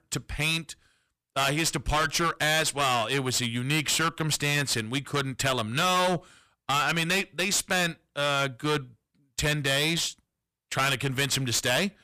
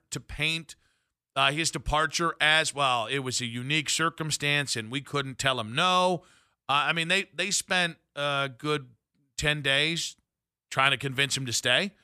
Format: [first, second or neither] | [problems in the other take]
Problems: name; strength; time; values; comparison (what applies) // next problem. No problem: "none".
second | distortion; heavy; 14% of the sound clipped